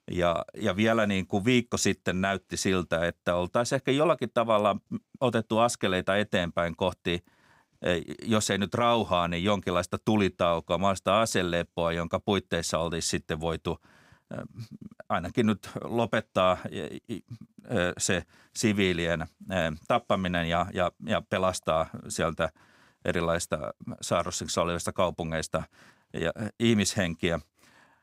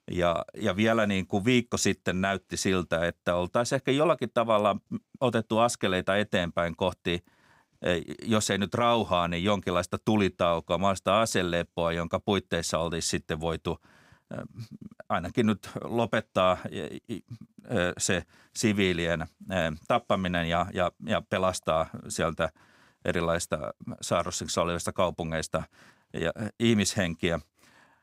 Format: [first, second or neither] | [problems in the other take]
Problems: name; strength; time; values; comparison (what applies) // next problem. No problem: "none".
neither | none